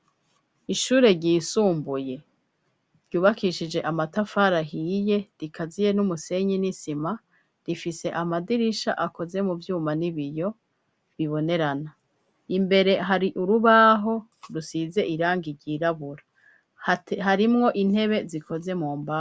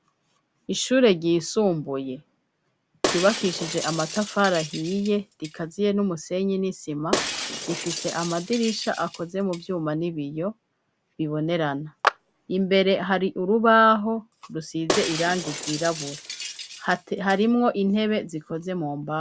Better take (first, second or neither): first